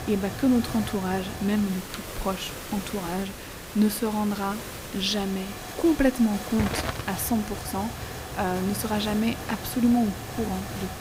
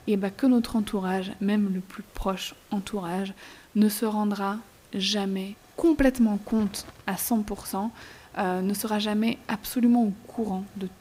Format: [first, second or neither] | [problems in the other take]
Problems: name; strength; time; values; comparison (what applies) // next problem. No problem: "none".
second | hiss; loud; throughout; 8 dB below the speech; faint in the second